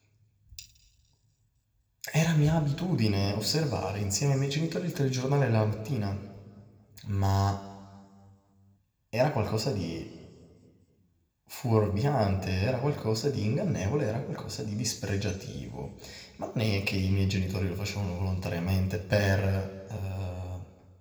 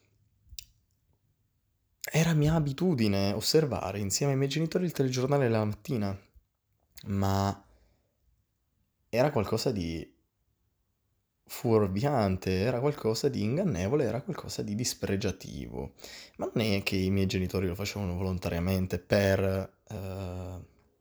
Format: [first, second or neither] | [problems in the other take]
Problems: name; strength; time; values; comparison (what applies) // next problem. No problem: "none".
second | room echo; very slight; dies away in 1.4 s